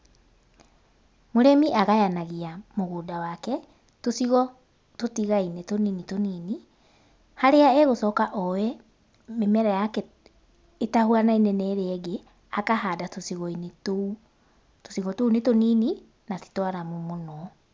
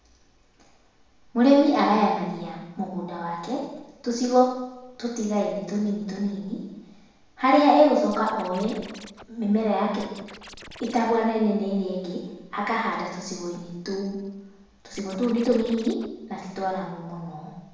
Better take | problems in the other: first | background sound (Scratching (performance technique)); 19 dB below the speech // room echo; dies away in 0.9 s

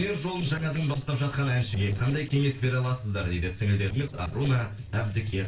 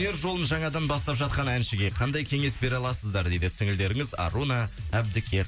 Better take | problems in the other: second | noise reduction (neural separator model SepFormer DNS4)

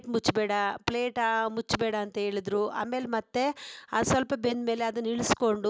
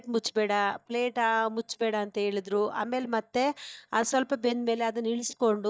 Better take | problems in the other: first | noise reduction (neural mask model DeepFilterNet 3)

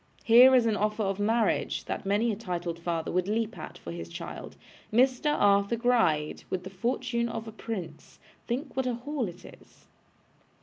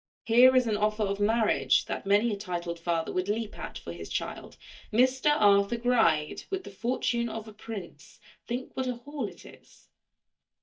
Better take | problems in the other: first | noise reduction (neural mask model DeepFilterNet 3)

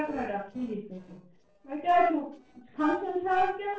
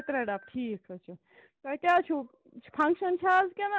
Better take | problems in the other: second | noise reduction (neural separator model SepFormer DNS4)

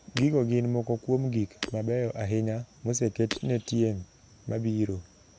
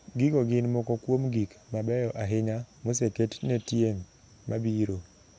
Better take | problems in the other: second | background sound (Shatter); 15 dB below the speech

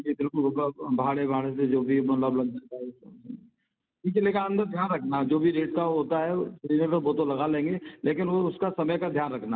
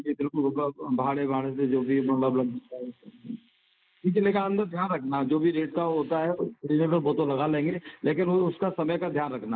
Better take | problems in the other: first | noise reduction (neural mask model Resemble Enhance denoiser)

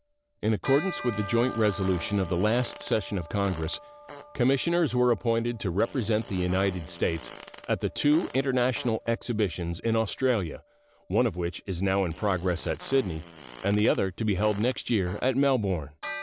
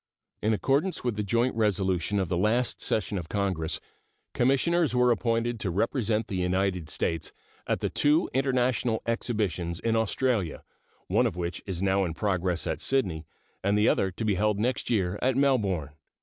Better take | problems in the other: second | background sound (Fart + Bell); 16 dB below the speech

